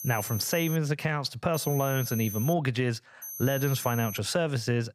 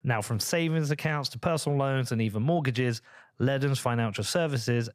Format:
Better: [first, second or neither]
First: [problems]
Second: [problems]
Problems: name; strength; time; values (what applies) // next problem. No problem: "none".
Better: second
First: high-pitched whine; loud; at the start, at 1.5 s and at 3 s; 6 kHz, 9 dB below the speech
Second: none